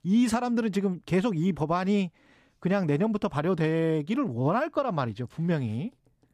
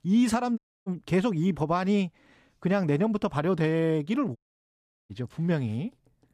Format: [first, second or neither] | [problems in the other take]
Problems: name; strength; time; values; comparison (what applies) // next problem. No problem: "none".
first | audio cutting out; at 0.5 s and at 4.5 s for 0.5 s